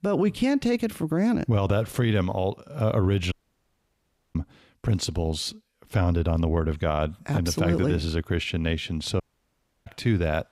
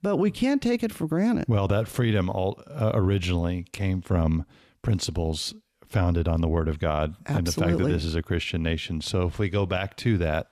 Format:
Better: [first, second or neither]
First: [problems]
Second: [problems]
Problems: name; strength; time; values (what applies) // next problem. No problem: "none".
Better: second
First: audio cutting out; at 3.5 s for 1 s and at 9 s for 0.5 s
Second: none